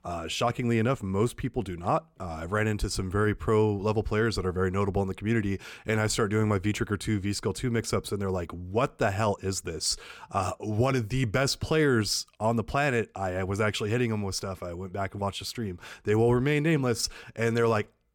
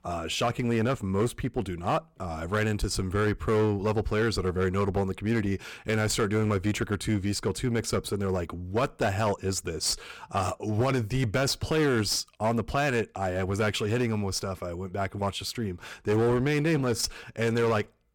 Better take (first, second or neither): first